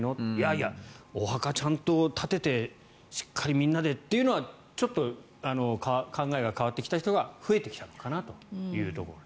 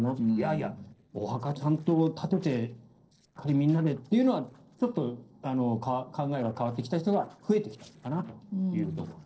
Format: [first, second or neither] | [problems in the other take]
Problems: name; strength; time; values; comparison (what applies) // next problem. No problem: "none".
first | noise reduction (neural separator model SepFormer DNS4)